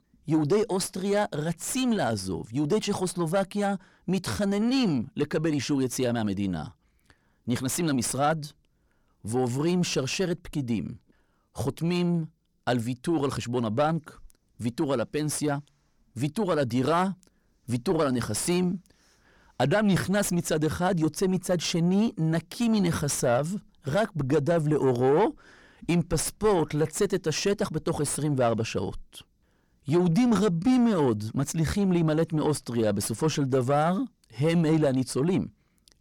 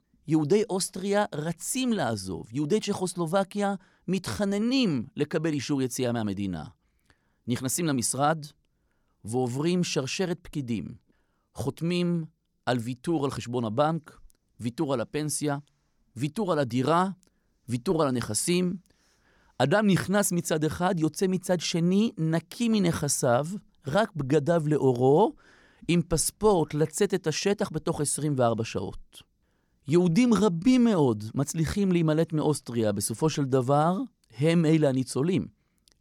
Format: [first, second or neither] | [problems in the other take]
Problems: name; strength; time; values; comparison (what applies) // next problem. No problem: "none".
second | distortion; slight; 10 dB below the speech